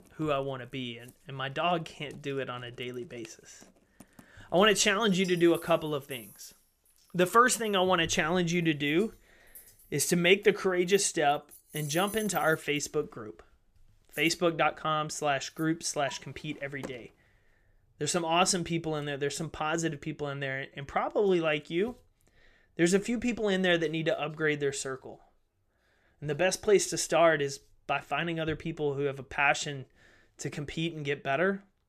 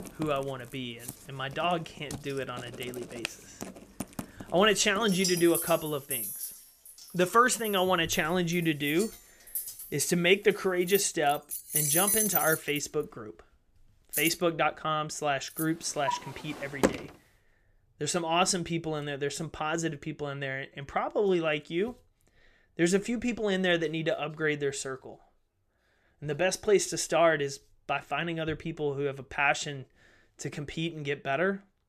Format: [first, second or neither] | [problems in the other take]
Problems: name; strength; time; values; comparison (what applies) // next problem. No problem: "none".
first | household noises; loud; until 17 s; 4 dB below the speech; faint in the first